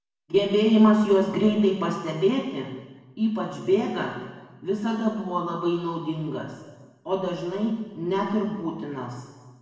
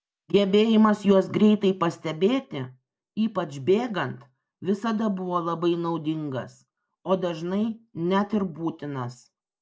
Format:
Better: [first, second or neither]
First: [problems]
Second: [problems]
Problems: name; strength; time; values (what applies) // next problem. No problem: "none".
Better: second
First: room echo; dies away in 1.1 s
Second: none